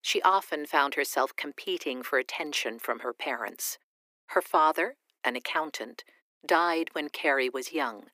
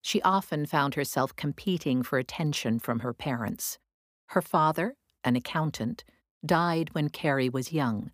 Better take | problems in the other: second | thin; very; fading below 350 Hz

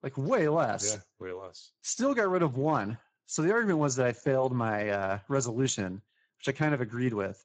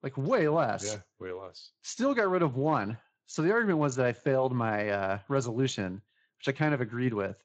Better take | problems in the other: second | garbled, watery; badly; nothing above 7.5 kHz; slightly in the second

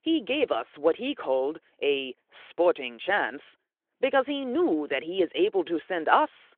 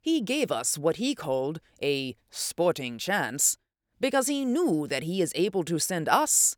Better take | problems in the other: second | phone-call audio

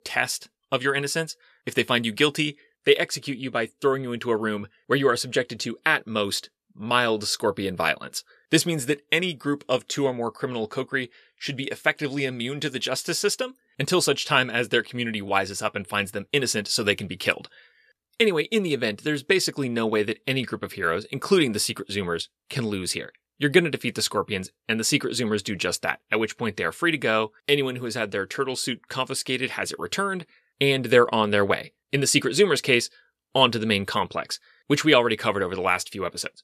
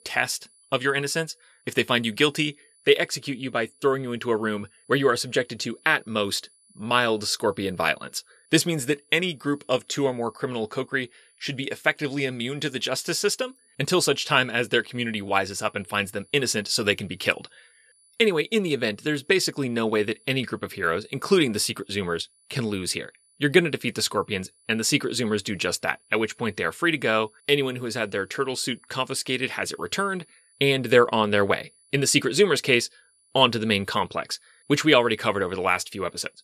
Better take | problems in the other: first | high-pitched whine; faint; throughout; 10 kHz, 35 dB below the speech

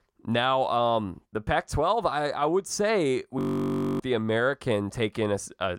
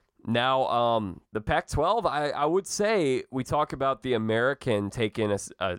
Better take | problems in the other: second | audio freezing; at 3.5 s for 0.5 s

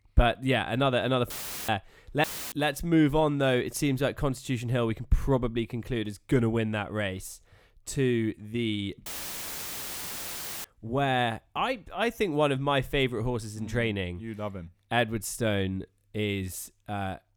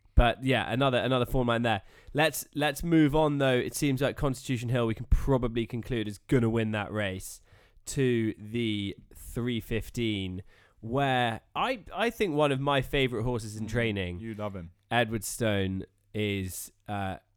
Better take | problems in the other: second | audio cutting out; filled with static; at 1.5 s, at 2 s and at 9 s for 1.5 s

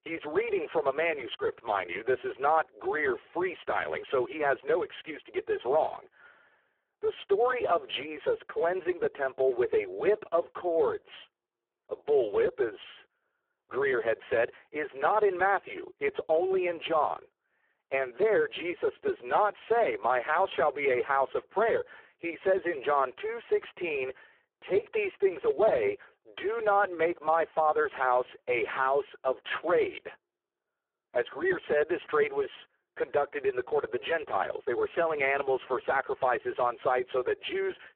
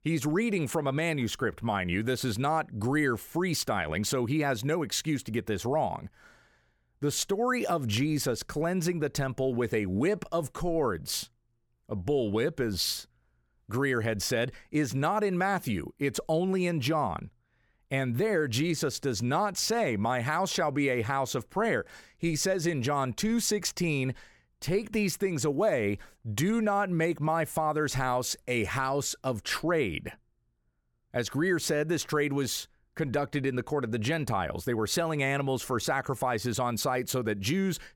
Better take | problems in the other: second | phone-call audio; poor line

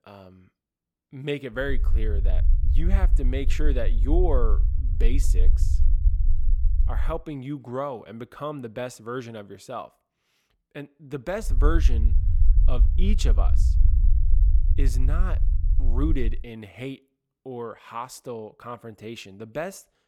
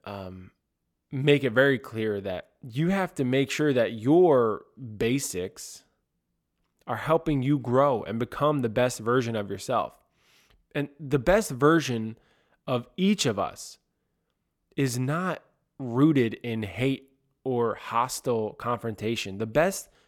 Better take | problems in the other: second | low rumble; noticeable; from 1.5 to 7 s and from 11 to 16 s; 10 dB below the speech

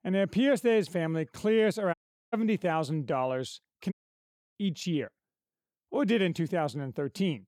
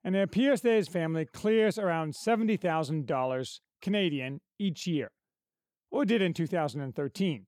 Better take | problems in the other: second | audio cutting out; at 2 s and at 4 s for 0.5 s

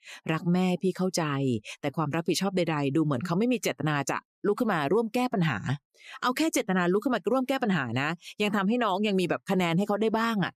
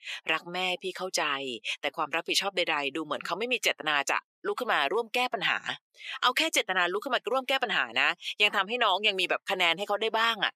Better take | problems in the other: first | thin; very; fading below 600 Hz

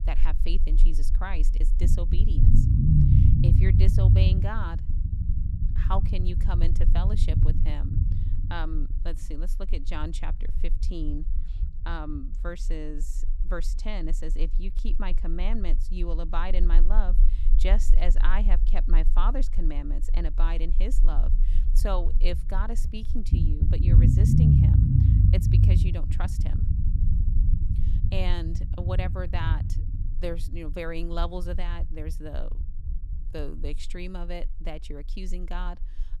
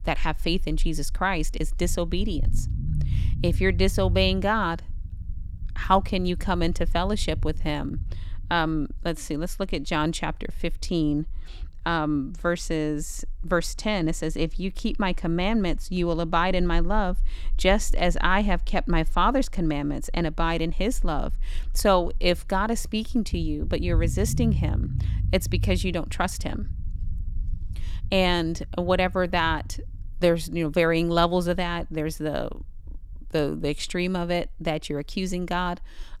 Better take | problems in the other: second | low rumble; loud; throughout; as loud as the speech; faint in the second

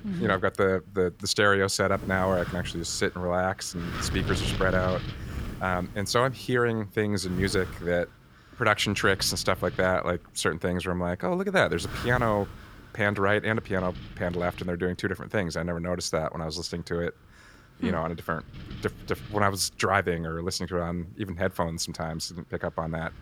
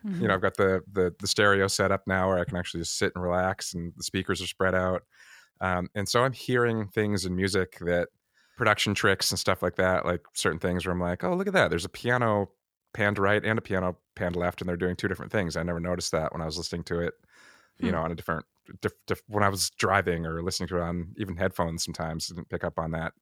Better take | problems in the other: second | wind noise on the microphone; occasional gusts; 15 dB below the speech

